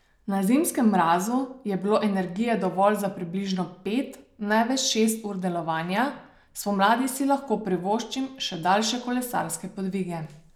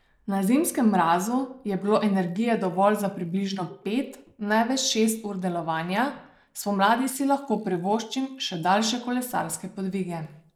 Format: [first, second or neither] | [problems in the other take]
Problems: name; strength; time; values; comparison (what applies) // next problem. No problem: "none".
first | noise reduction (neural mask model Resemble Enhance denoiser)